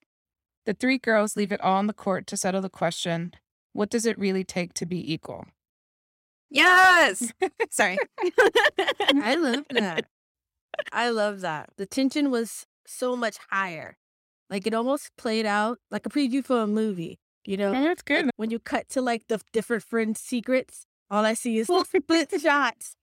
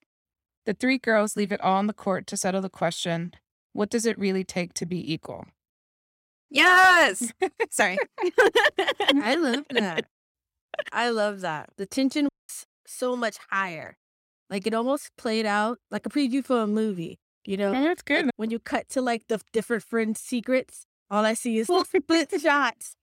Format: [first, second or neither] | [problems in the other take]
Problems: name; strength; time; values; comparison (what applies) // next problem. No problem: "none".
first | audio cutting out; at 12 s